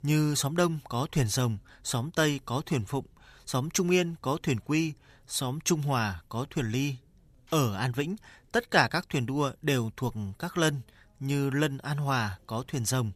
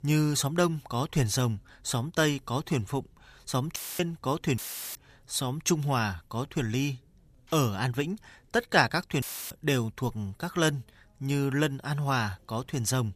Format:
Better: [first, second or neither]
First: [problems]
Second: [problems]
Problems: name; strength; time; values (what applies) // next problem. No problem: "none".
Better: first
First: none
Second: audio cutting out; filled with static; at 4 s, at 4.5 s and at 9 s